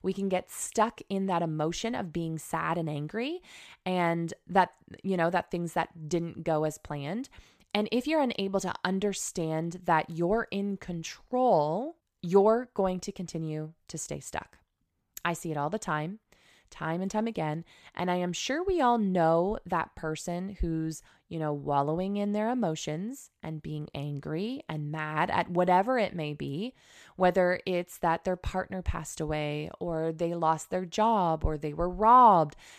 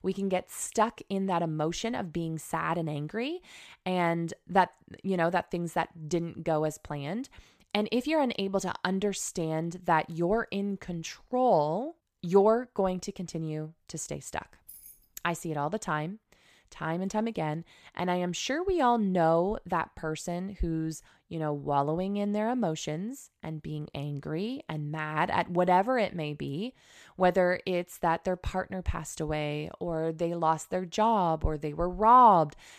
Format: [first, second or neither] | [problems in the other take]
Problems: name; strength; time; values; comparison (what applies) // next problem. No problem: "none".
first | jangling keys; faint; at 15 s; peak 20 dB below the speech